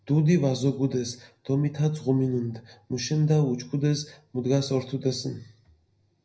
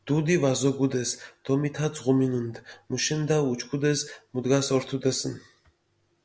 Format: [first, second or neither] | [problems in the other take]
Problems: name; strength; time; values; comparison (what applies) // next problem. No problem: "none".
second | room echo; dies away in 0.4 s